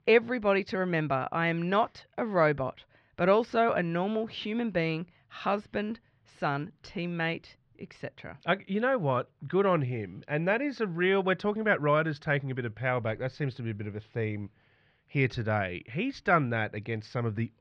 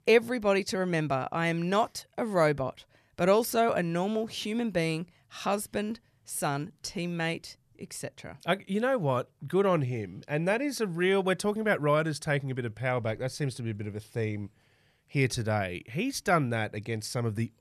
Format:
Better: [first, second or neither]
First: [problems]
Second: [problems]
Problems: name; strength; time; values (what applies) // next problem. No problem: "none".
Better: second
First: muffled; slightly; fading above 3.5 kHz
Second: none